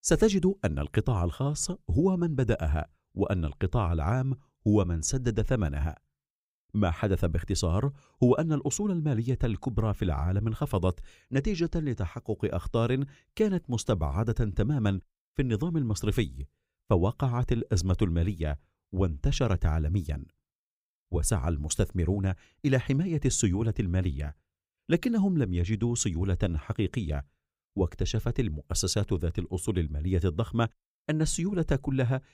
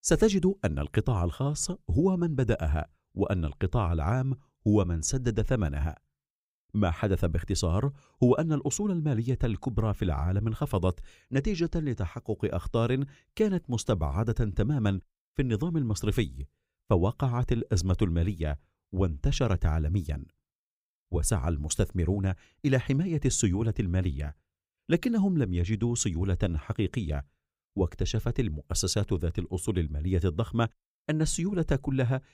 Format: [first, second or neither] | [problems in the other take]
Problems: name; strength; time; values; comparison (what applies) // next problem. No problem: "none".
neither | none